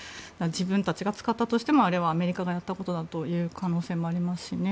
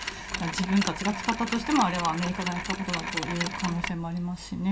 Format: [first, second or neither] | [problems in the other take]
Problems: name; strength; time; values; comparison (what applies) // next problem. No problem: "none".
first | background sound (Mechanisms); 5 dB below the speech // room echo; dies away in 0.2 s